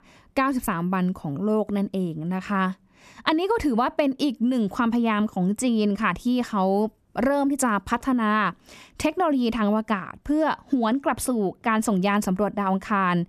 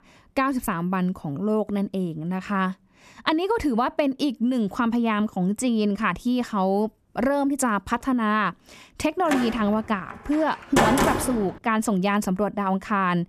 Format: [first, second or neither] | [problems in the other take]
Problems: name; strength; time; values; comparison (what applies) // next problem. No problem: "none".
first | door banging; loud; from 9.5 to 11 s; peak 4 dB above the speech